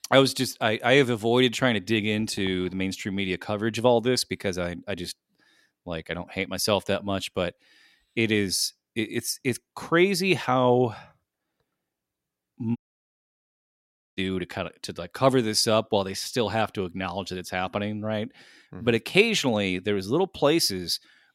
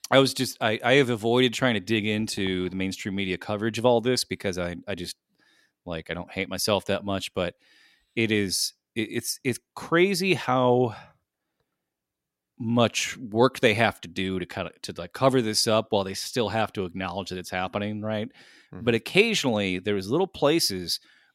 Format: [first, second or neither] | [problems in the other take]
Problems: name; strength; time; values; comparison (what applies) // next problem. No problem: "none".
second | audio cutting out; at 13 s for 1.5 s